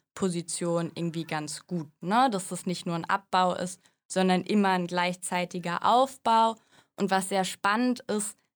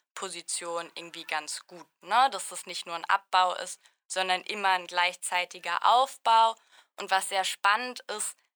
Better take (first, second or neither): first